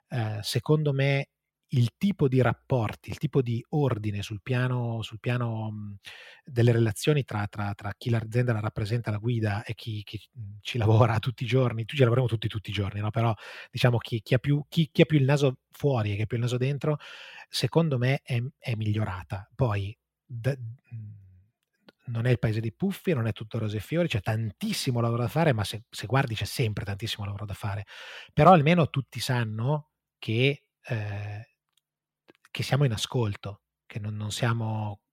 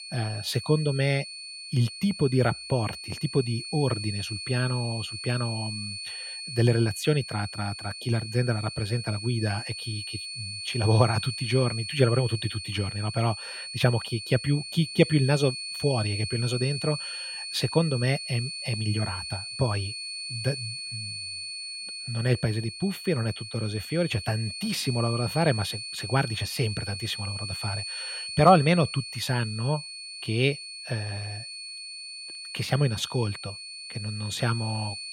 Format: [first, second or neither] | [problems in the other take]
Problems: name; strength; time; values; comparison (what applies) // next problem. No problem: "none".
first | high-pitched whine; loud; throughout; 4.5 kHz, 7 dB below the speech